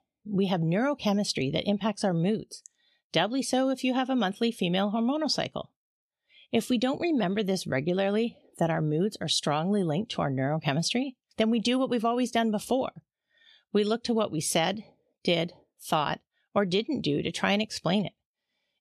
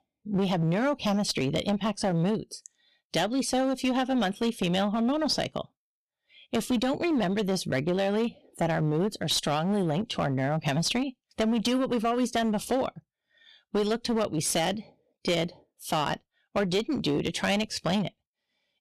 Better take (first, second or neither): first